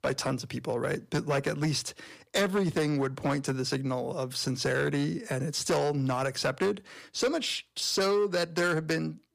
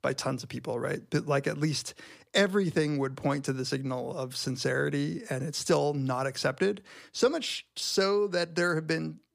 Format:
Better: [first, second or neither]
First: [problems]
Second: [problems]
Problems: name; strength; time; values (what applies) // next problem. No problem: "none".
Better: second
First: distortion; slight; 8% of the sound clipped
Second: none